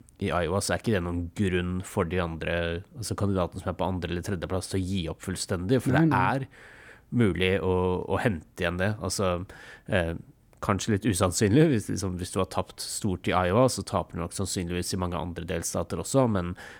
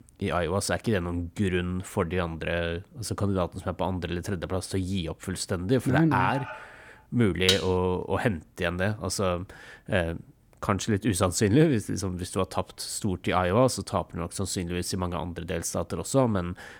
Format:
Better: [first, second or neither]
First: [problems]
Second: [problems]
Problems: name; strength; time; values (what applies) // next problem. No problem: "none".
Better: first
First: none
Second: alarm; noticeable; at 6 s; peak 9 dB below the speech // clattering dishes; loud; at 7.5 s; peak 2 dB above the speech